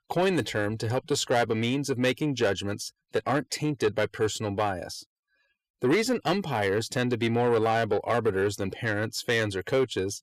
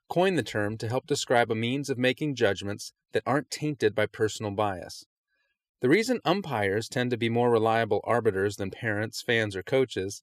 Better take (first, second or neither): second